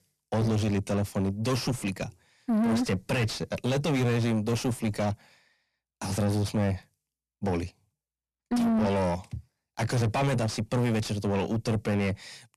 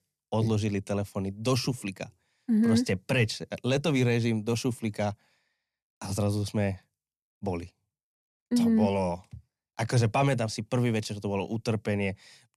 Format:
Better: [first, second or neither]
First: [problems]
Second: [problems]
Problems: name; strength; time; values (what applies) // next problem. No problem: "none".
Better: second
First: distortion; heavy; 7 dB below the speech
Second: none